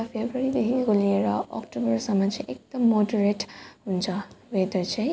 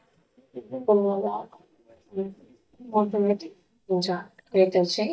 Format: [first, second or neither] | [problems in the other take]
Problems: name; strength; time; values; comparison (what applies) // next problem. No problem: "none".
first | noise reduction (neural mask model DeepFilterNet 3)